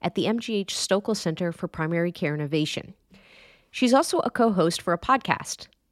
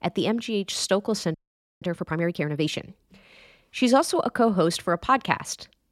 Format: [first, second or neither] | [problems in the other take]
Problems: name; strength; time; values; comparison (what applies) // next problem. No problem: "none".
first | audio freezing; at 1.5 s